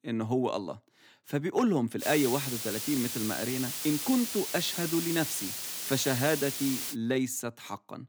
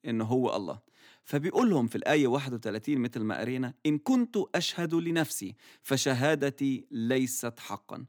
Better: second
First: hiss; loud; from 2 to 7 s; 3 dB below the speech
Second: none

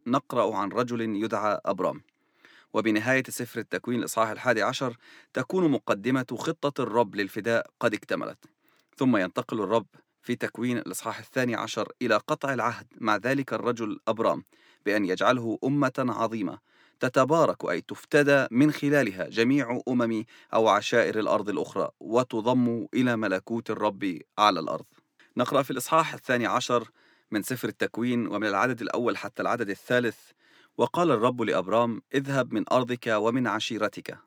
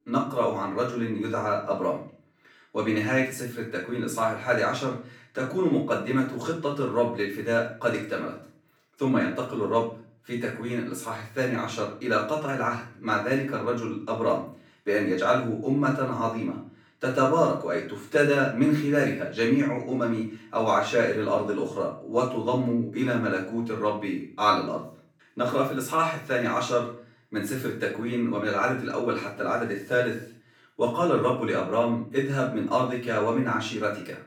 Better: first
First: none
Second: off-mic speech; far // room echo; noticeable; dies away in 0.4 s

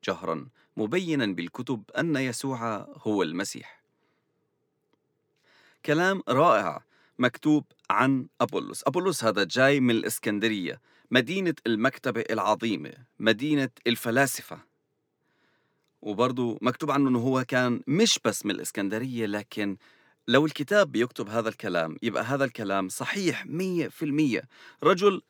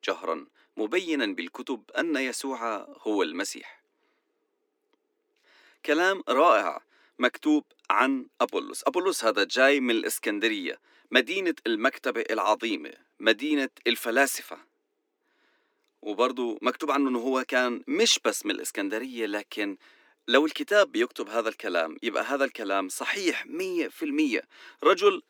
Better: first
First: none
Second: thin; very slightly; fading below 250 Hz

